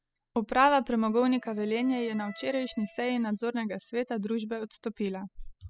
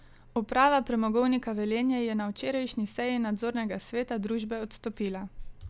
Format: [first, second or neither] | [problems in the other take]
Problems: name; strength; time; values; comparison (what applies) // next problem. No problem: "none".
second | noise reduction (classical method spectral subtraction)